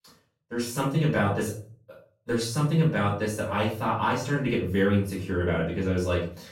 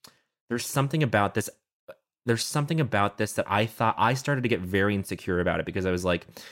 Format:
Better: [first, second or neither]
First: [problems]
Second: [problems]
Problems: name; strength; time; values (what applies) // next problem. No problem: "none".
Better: second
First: off-mic speech; far // room echo; noticeable; dies away in 0.4 s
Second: none